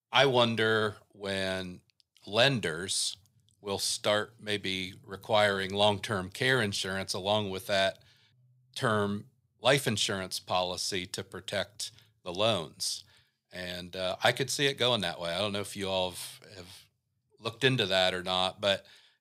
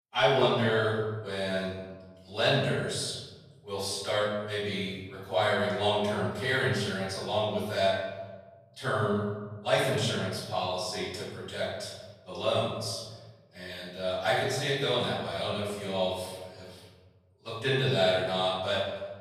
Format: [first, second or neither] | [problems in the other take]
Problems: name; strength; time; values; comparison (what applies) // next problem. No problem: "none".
first | off-mic speech; far // room echo; strong; dies away in 1.3 s